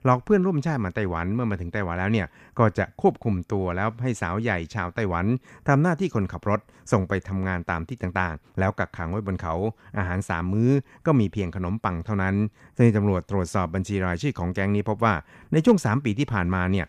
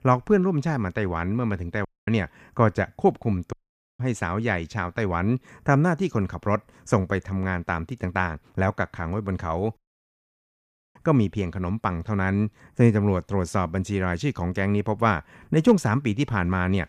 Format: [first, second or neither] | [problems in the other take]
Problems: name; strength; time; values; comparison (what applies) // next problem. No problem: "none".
first | audio cutting out; at 2 s, at 3.5 s and at 10 s for 1 s